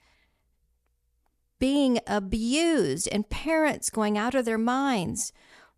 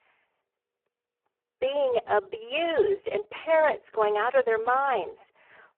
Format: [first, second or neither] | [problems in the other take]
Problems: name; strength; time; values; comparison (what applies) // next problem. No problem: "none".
first | phone-call audio; poor line